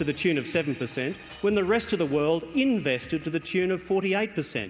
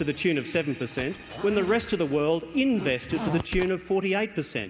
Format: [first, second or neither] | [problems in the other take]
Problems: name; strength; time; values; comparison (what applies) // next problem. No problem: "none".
first | background sound (Zipper (clothing)); 10 dB below the speech